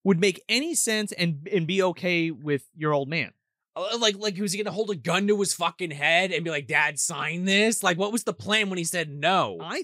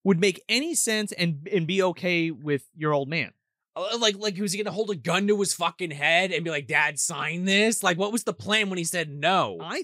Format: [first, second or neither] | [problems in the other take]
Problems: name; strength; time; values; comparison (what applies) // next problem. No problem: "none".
neither | none